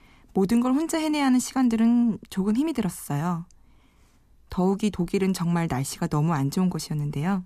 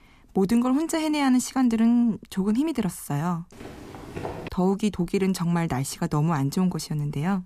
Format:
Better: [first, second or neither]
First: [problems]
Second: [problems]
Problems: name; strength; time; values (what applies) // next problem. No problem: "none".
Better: first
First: none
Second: footsteps; noticeable; at 3.5 s; peak 10 dB below the speech